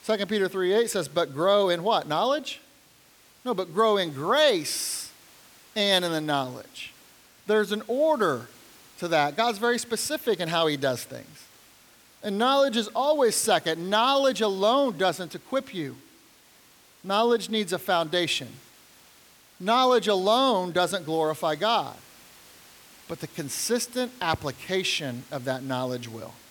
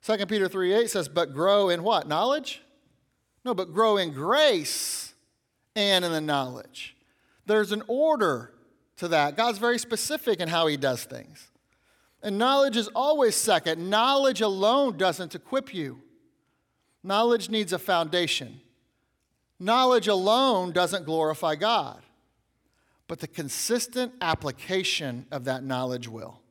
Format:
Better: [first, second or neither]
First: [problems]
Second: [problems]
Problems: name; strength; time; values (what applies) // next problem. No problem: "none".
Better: second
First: hiss; faint; throughout; 25 dB below the speech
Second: none